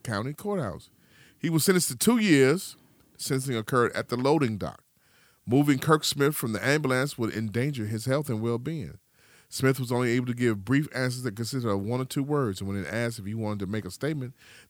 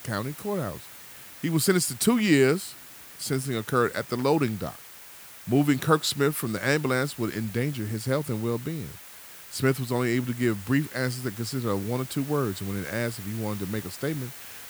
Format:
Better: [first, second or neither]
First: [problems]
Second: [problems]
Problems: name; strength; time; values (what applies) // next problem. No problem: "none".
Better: first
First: none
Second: hiss; noticeable; throughout; 15 dB below the speech